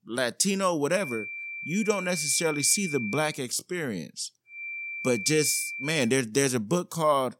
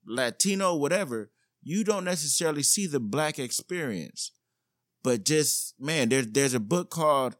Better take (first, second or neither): second